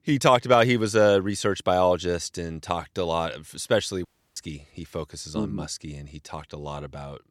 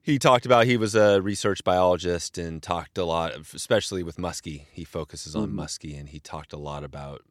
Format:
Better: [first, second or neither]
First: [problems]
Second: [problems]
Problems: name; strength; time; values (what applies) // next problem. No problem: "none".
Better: second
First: audio cutting out; at 4 s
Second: none